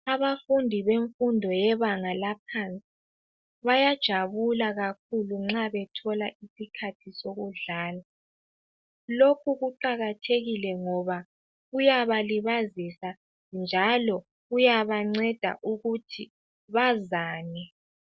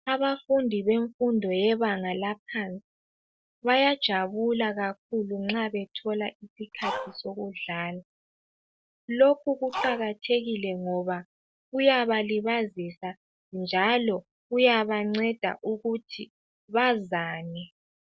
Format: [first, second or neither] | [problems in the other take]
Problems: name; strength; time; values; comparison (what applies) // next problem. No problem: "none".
first | background sound (Dog); 5 dB below the speech